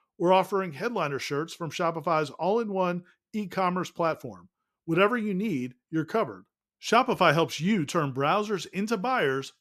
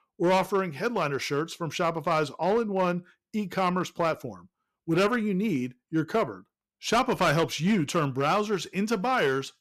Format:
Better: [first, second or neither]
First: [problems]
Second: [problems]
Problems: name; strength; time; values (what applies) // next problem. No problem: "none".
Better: first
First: none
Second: distortion; slight; 5% of the sound clipped